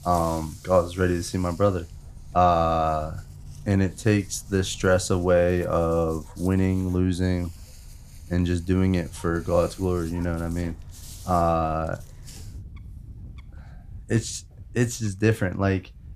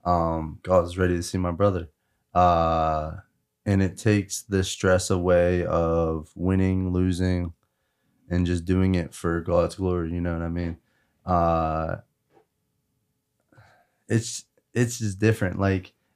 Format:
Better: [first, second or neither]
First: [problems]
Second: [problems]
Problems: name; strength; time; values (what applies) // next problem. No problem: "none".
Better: second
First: animal sounds; noticeable; throughout; 20 dB below the speech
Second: none